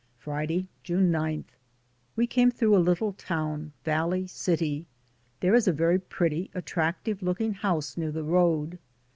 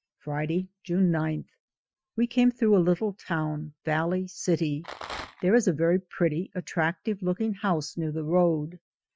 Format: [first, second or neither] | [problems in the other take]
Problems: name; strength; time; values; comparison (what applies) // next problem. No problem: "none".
first | noise reduction (classical method Wiener filter)